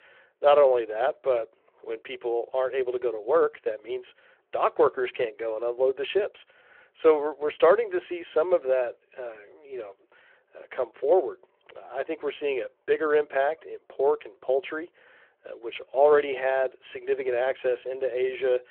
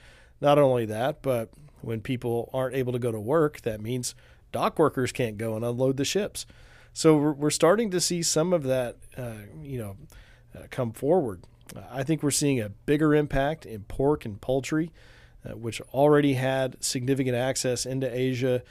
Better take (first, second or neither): second